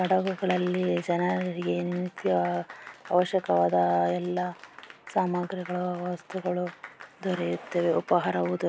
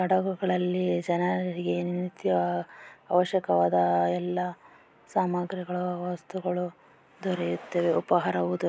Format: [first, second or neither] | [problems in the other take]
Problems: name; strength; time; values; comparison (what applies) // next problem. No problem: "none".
second | background sound (Applause); 19 dB below the speech